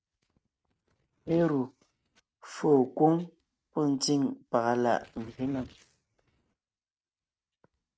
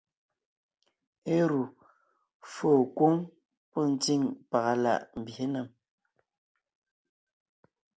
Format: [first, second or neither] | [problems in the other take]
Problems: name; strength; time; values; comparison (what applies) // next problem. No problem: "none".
second | noise reduction (neural mask model RNNoise)